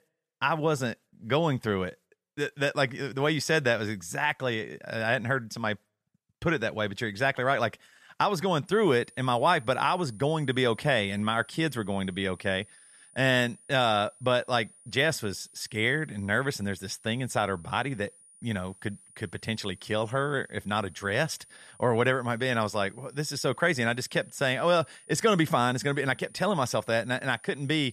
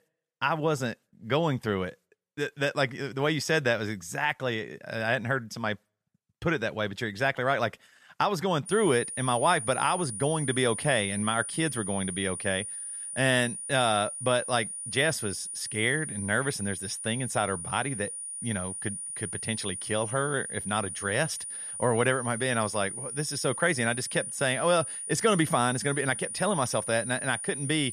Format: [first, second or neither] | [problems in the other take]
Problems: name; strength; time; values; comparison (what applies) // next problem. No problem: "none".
first | high-pitched whine; loud; from 8.5 s on; 9.5 kHz, 6 dB below the speech; faint in the first